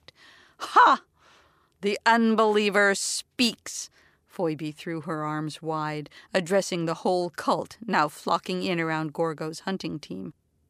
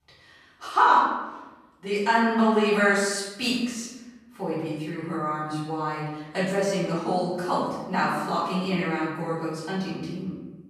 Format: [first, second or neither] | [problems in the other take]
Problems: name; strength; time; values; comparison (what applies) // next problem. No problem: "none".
first | room echo; noticeable; dies away in 1 s // off-mic speech; far